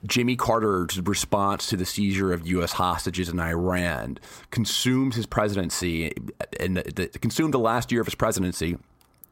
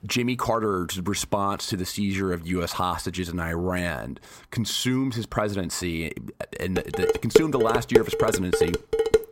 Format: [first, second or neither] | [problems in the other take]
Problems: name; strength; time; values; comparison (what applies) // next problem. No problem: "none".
first | clattering dishes; loud; from 7 s on; peak 6 dB above the speech